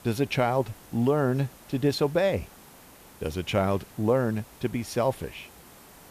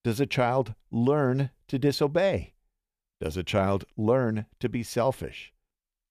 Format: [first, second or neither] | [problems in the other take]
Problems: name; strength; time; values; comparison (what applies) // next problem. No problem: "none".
second | hiss; faint; throughout; 20 dB below the speech